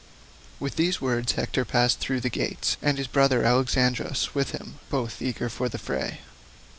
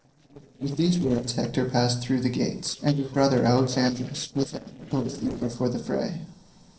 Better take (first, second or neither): first